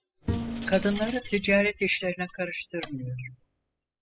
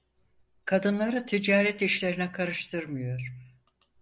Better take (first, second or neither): second